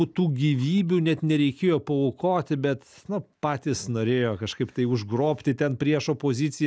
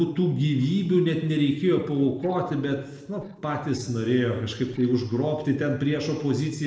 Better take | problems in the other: first | noise reduction (neural separator model SepFormer DNS4)

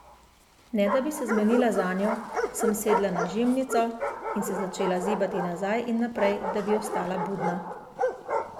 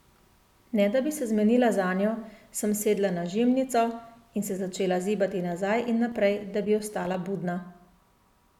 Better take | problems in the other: second | background sound (Bark); 4 dB below the speech

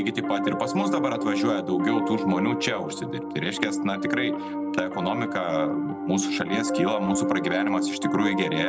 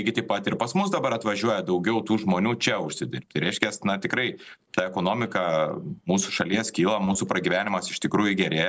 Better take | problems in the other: second | background sound (Piano); as loud as the speech

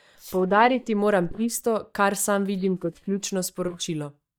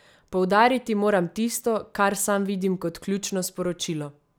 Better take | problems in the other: second | noise reduction (neural mask model DeepFilterNet 3)

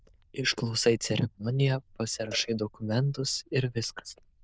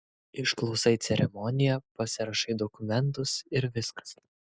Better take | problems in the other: second | noise reduction (neural diffusion model UNIVERSE++)

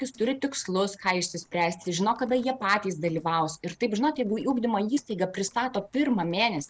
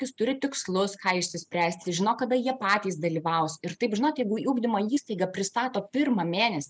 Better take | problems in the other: second | noise reduction (neural separator model SepFormer DNS4)

